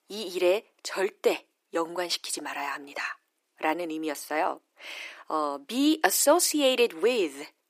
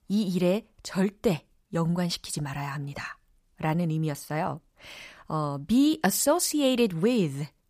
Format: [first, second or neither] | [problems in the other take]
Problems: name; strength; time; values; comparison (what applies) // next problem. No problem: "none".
second | thin; somewhat; fading below 300 Hz